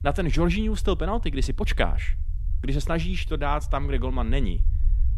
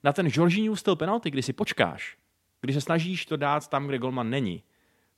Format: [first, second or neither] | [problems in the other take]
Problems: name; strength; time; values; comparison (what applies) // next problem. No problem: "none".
second | low rumble; faint; throughout; 20 dB below the speech